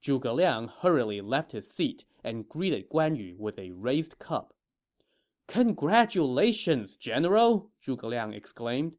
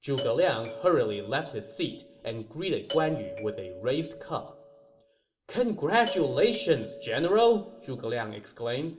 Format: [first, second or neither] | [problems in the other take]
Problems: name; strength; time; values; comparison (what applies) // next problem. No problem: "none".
first | background sound (Doorbell); 12 dB below the speech // room echo; dies away in 1.6 s